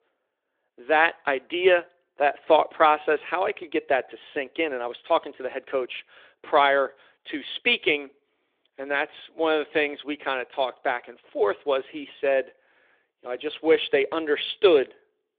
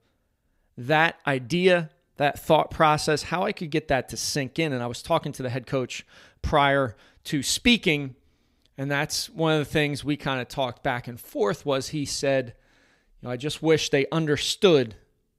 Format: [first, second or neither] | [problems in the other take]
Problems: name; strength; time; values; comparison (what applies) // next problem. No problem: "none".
second | phone-call audio; nothing above 3.5 kHz